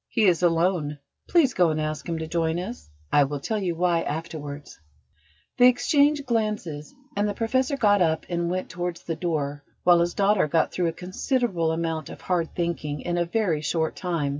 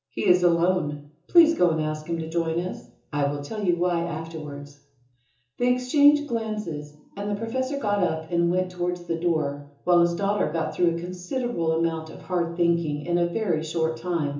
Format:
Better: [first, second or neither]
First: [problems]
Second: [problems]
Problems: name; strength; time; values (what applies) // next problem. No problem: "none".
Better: first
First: none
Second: room echo; dies away in 0.6 s